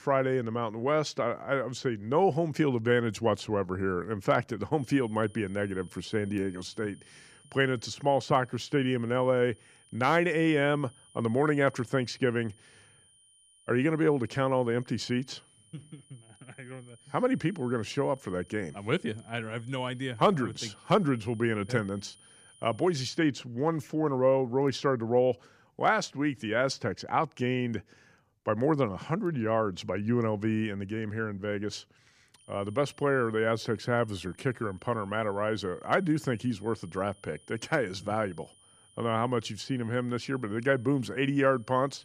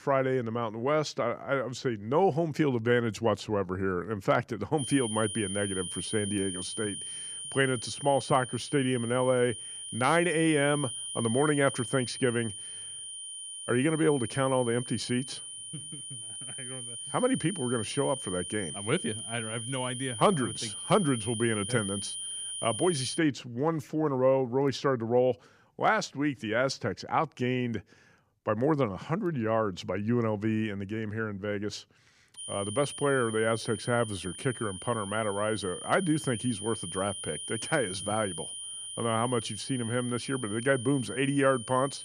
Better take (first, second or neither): first